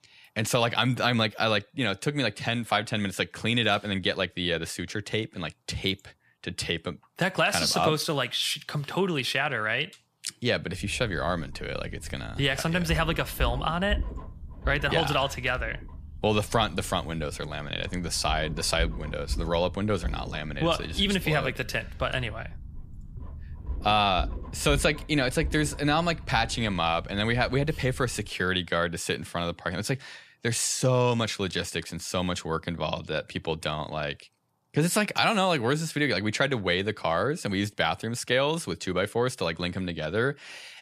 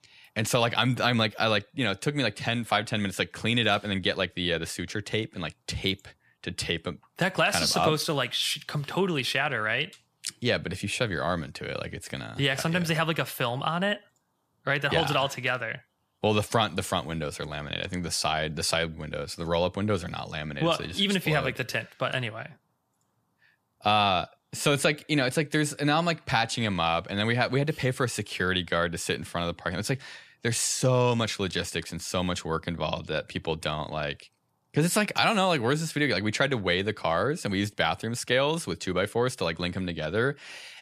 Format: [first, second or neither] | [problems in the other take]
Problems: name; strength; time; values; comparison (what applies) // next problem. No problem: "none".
second | low rumble; faint; from 11 to 28 s; 25 dB below the speech